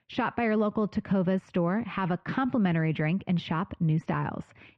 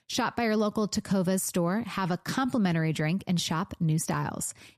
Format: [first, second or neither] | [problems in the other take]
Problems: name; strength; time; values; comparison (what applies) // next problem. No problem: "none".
second | muffled; very; fading above 2.5 kHz